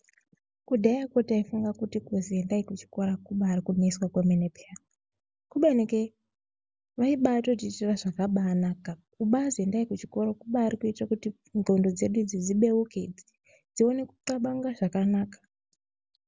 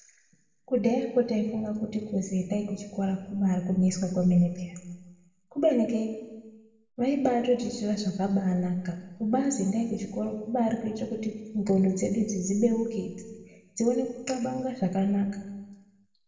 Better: first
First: none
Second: room echo; dies away in 1.2 s

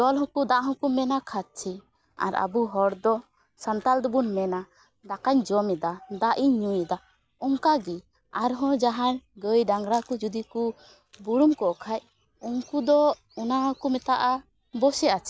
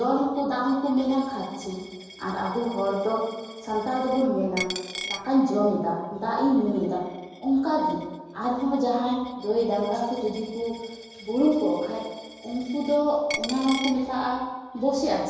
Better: first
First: none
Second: background sound (Coin (dropping)); 16 dB below the speech // room echo; dies away in 1.2 s

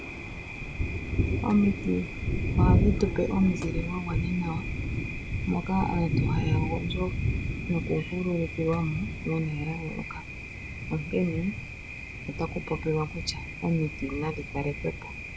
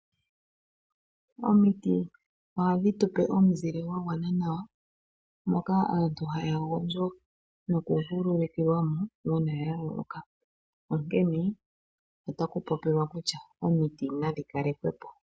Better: second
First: background sound (Thunder); as loud as the speech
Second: none

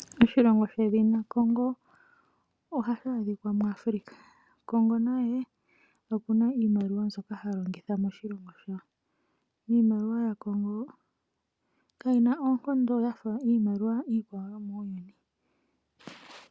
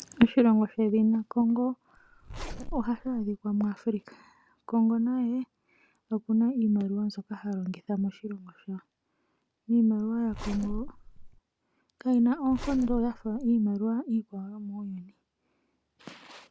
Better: first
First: none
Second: background sound (Zipper (clothing)); 10 dB below the speech

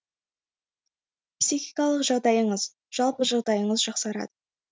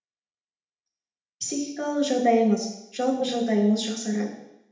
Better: first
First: none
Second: room echo; dies away in 0.8 s

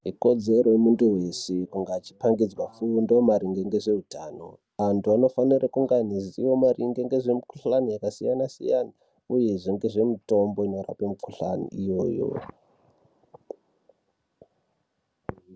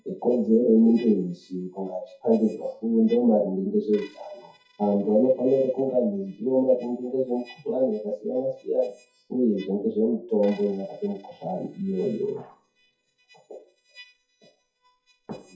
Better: first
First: none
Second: noise reduction (classical method WPE with log-MMSE)

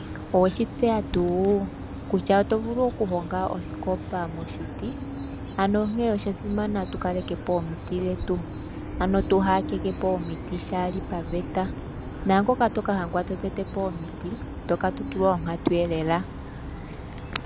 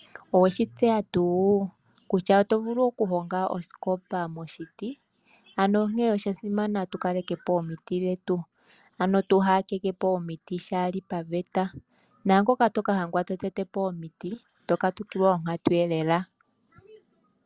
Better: second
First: background sound (Bird vocalization, bird call, bird song); 8 dB below the speech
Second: none

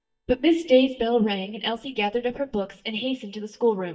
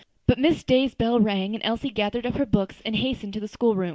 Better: second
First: noise reduction (neural mask model DeepFilterNet 3)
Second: none

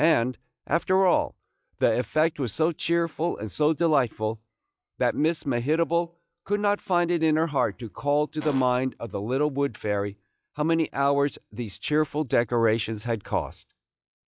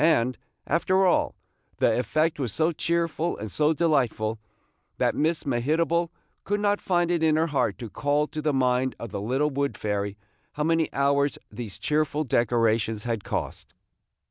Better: second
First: noise reduction (classical method log-MMSE)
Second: none

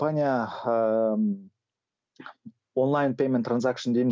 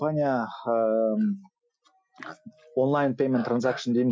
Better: first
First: none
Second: noise reduction (classical method Wiener filter)

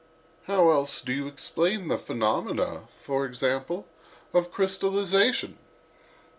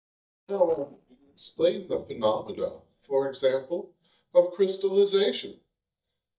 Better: first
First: none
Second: noise reduction (neural mask model DeepFilterNet 3)

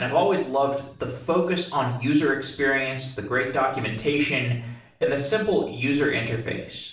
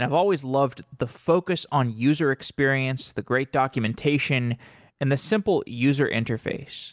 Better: second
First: background sound (Cowbell); 10 dB below the speech // room echo; dies away in 0.5 s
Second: none

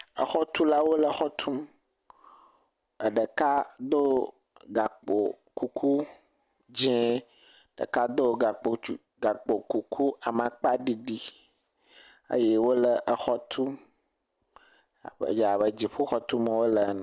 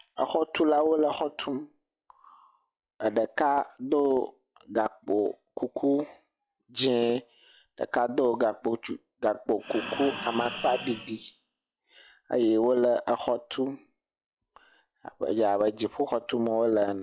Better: first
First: none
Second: noise reduction (classical method log-MMSE)

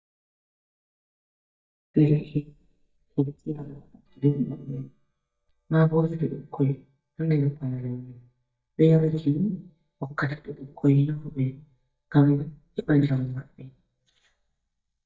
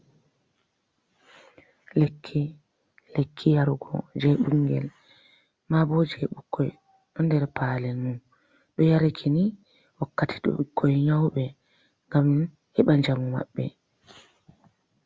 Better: second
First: noise reduction (neural mask model DeepFilterNet 3)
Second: none

